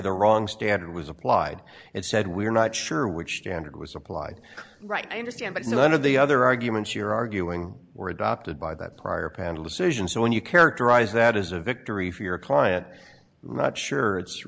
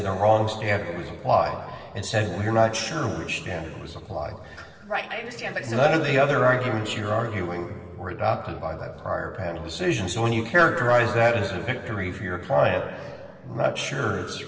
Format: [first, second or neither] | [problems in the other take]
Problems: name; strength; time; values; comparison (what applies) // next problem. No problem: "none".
first | room echo; dies away in 2.1 s